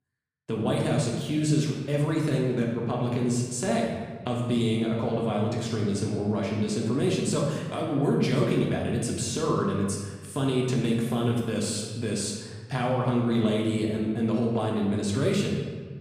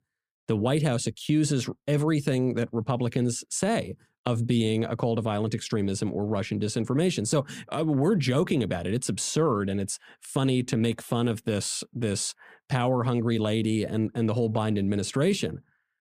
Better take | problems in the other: second | room echo; noticeable; dies away in 1.3 s // off-mic speech; far

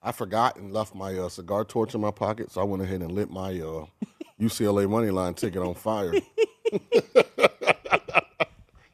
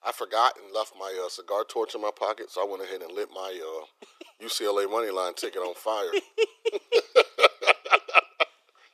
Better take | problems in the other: first | thin; very; fading below 400 Hz

